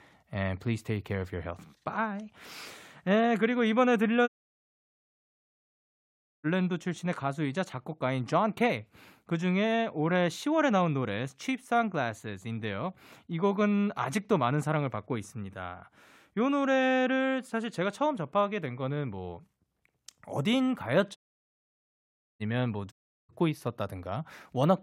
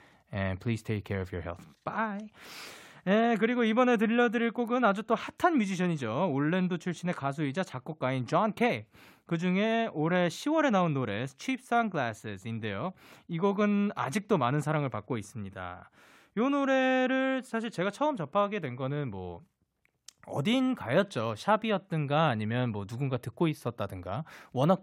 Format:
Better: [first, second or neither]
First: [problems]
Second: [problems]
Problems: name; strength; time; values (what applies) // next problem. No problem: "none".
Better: second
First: audio cutting out; at 4.5 s for 2 s, at 21 s for 1 s and at 23 s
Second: none